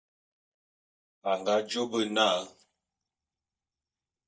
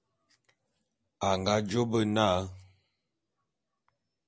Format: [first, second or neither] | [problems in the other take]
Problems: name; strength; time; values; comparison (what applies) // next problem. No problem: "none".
second | noise reduction (neural mask model DeepFilterNet 3)